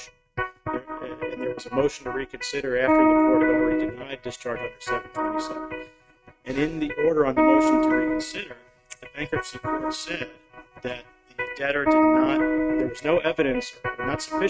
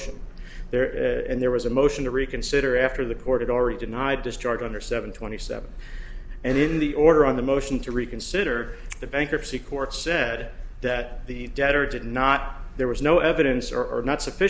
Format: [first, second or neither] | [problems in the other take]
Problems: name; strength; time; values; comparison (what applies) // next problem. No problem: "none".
second | noise reduction (neural mask model RNNoise)